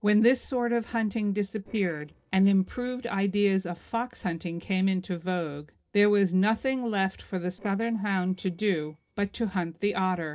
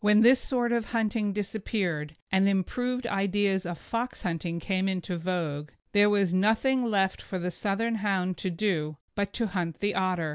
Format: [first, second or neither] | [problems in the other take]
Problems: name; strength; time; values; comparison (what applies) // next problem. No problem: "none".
second | noise reduction (neural separator model SepFormer DNS4)